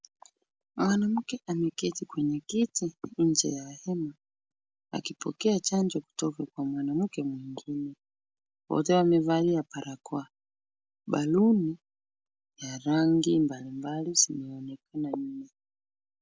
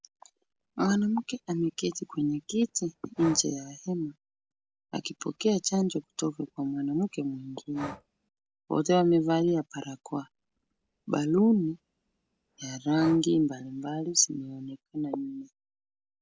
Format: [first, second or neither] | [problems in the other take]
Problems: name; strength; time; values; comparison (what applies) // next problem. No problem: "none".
first | background sound (Breathing); 20 dB below the speech